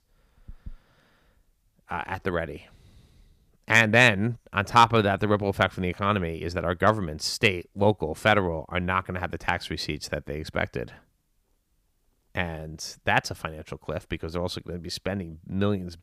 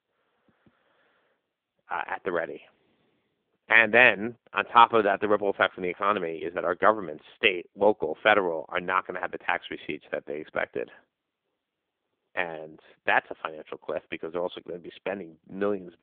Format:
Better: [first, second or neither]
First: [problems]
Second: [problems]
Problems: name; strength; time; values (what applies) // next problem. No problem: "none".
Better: first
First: none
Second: phone-call audio; poor line; nothing above 3.5 kHz